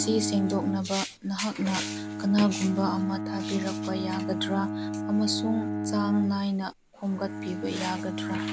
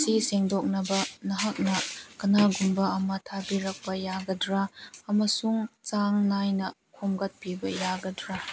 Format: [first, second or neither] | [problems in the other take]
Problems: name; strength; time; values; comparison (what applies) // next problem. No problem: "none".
second | background sound (Bowed string instrument); 4 dB below the speech